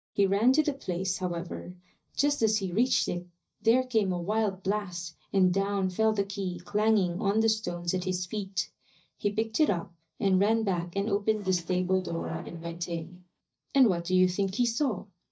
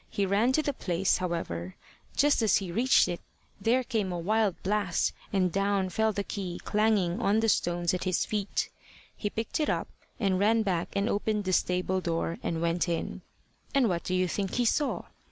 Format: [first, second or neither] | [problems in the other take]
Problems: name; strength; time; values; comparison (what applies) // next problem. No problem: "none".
second | noise reduction (neural mask model DeepFilterNet 3)